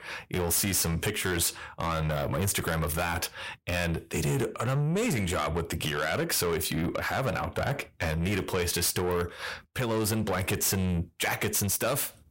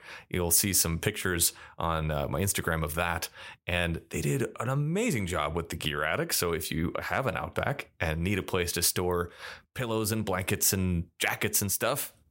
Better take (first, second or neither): second